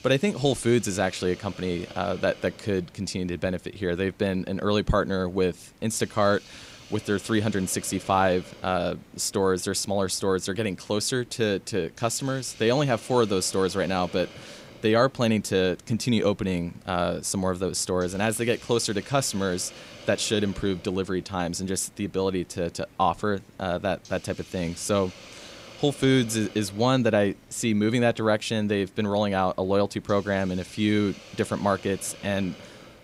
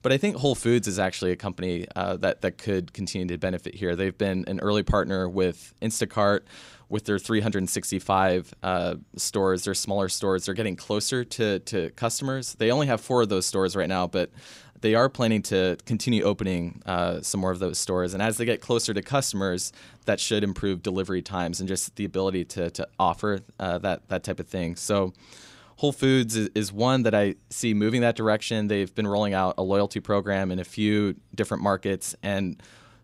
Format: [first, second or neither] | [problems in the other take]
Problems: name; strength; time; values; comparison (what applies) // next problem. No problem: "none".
second | hiss; faint; throughout; 20 dB below the speech